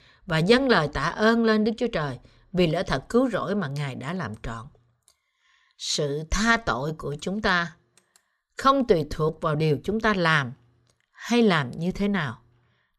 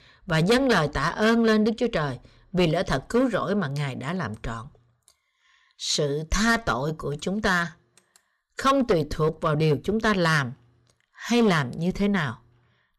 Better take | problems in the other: first | distortion; slight; 3% of the sound clipped

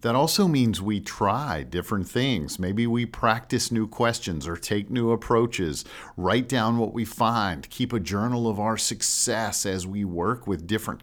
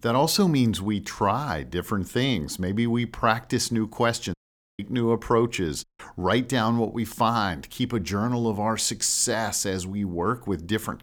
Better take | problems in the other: first | audio cutting out; at 4.5 s and at 6 s

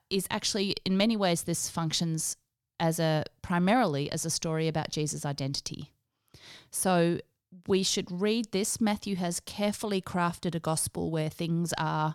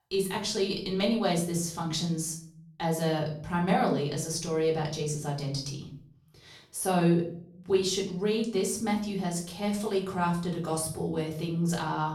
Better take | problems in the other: first | off-mic speech; far // room echo; slight; dies away in 0.5 s

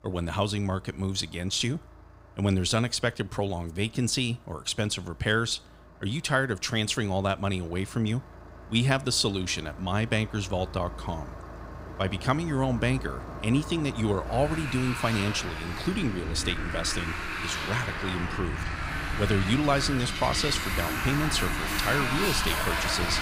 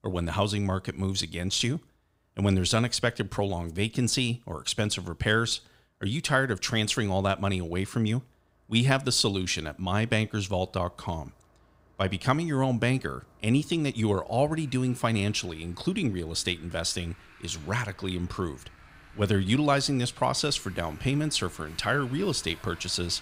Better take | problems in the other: second | traffic noise; loud; throughout; 4 dB below the speech; faint in the second

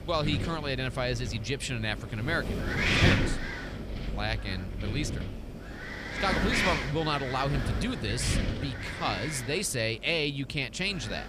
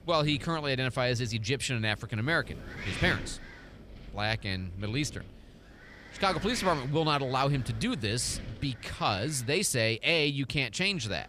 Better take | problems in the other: second | wind noise on the microphone; heavy; 1 dB below the speech; occasional gusts in the second

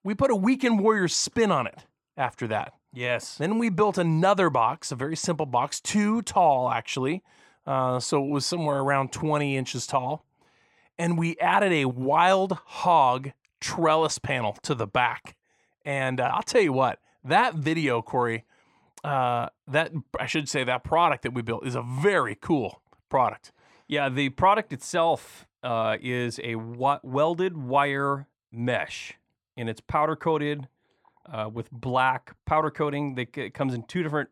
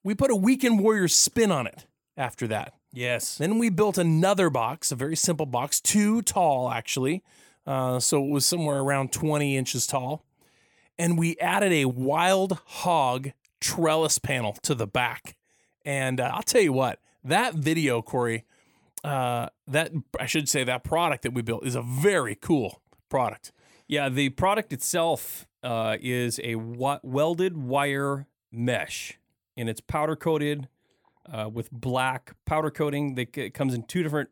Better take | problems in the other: second | muffled; slightly; fading above 5.5 kHz

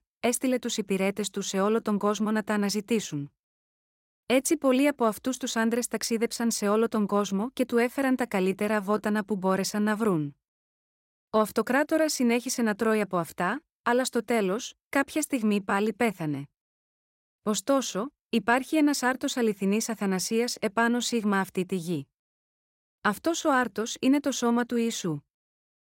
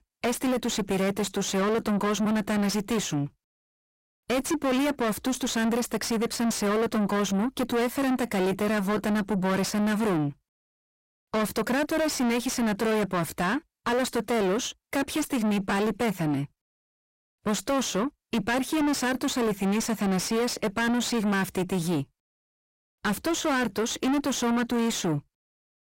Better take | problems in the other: first | distortion; heavy; 5 dB below the speech

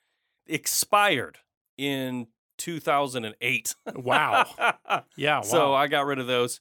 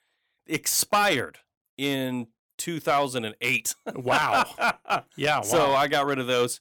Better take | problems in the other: first | distortion; slight; 4% of the sound clipped

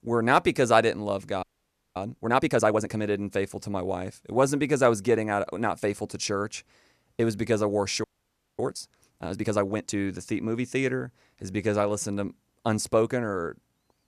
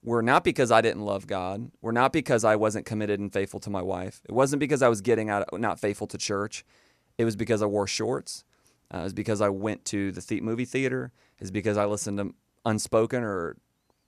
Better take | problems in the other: second | audio freezing; at 1.5 s for 0.5 s and at 8 s for 0.5 s

